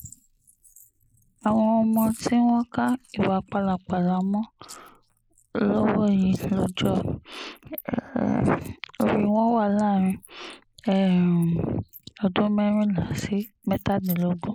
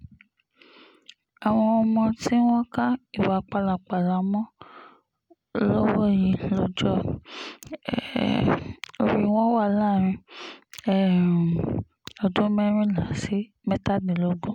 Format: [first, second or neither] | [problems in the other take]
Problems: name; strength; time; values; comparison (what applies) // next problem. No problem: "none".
second | noise reduction (neural mask model Resemble Enhance denoiser)